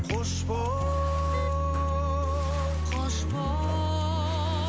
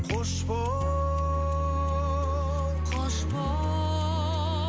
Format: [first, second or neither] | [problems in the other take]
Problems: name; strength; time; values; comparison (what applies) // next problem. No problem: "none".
second | background sound (Bathtub (filling or washing) + Wind instrument, woodwind instrument); 18 dB below the speech